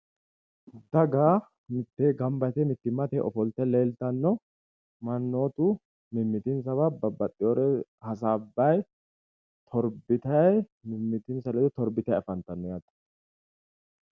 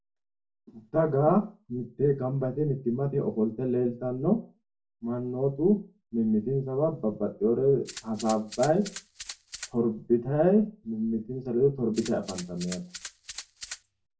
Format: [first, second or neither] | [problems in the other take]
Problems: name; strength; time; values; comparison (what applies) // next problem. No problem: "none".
first | background sound (Rattle (instrument)); 15 dB below the speech // room echo; dies away in 0.2 s